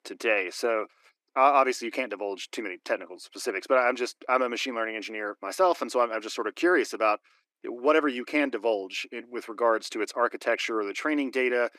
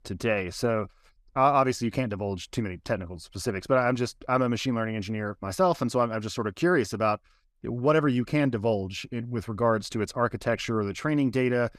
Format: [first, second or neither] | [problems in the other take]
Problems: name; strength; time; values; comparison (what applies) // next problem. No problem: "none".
second | thin; somewhat; fading below 300 Hz